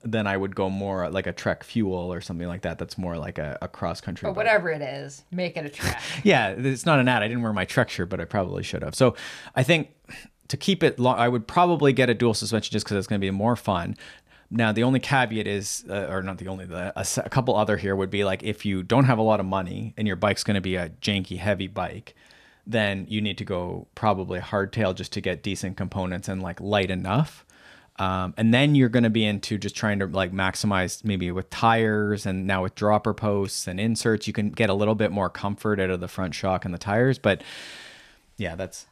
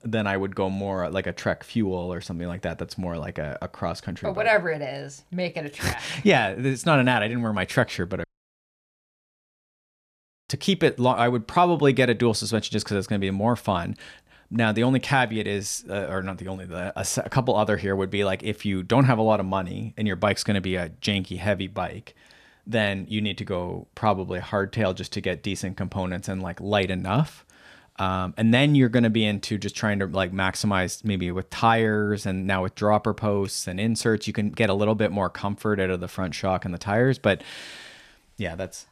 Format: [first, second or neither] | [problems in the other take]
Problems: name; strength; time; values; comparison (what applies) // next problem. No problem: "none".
first | audio cutting out; at 8 s for 2.5 s